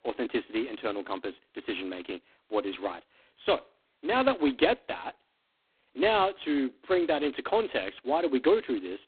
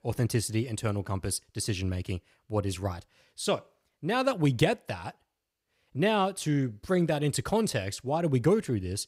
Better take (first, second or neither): second